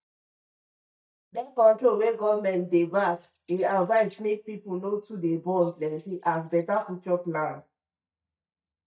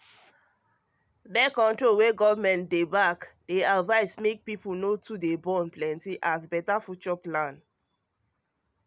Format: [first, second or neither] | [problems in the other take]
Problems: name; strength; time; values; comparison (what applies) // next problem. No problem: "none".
second | noise reduction (neural mask model DeepFilterNet 3)